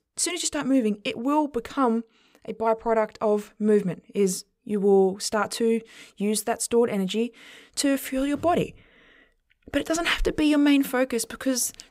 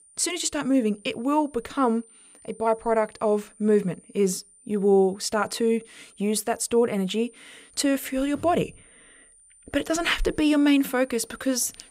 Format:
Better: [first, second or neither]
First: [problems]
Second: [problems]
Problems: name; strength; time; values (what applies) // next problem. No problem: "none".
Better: first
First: none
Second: high-pitched whine; faint; throughout; 9 kHz, 25 dB below the speech